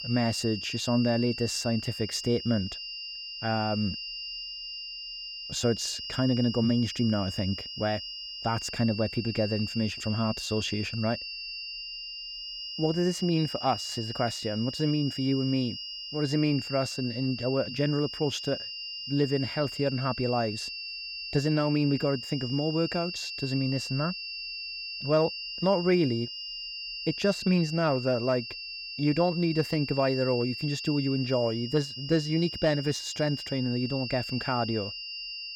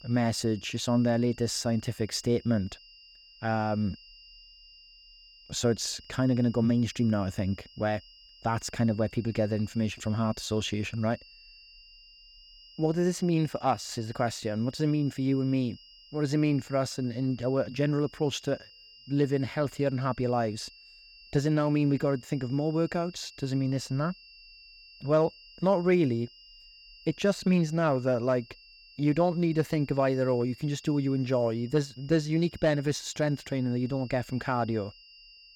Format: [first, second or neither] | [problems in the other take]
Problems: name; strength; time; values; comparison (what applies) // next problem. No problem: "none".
second | high-pitched whine; loud; throughout; 2.5 kHz, 7 dB below the speech; faint in the second